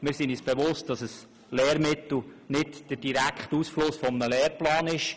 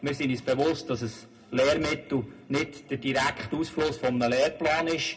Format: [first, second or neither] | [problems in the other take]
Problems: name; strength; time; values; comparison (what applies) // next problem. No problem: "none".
first | room echo; dies away in 0.2 s